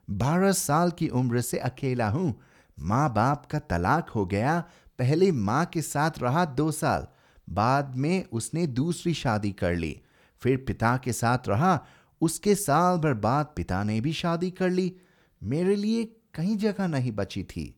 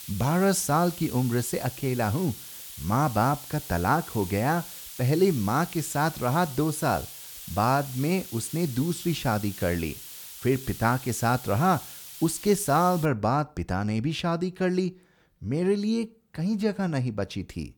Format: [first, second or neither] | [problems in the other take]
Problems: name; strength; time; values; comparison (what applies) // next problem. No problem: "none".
first | hiss; noticeable; until 13 s; 10 dB below the speech